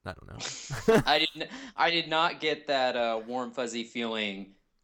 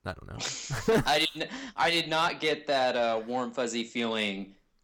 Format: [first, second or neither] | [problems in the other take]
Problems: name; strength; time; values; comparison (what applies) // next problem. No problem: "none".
first | distortion; slight; 10 dB below the speech